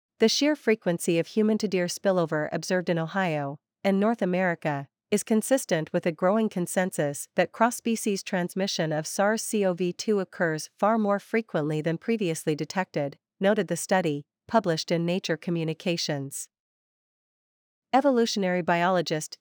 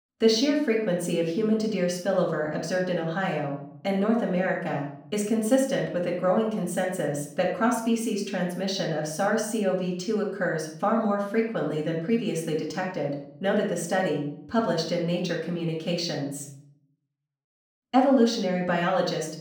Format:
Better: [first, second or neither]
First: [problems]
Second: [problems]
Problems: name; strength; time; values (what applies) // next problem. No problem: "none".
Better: first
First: none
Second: off-mic speech; far // room echo; noticeable; dies away in 0.6 s